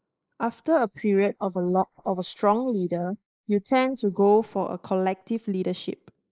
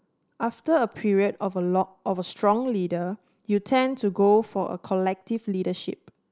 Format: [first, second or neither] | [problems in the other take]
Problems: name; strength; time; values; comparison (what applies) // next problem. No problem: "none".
second | noise reduction (neural mask model Resemble Enhance denoiser)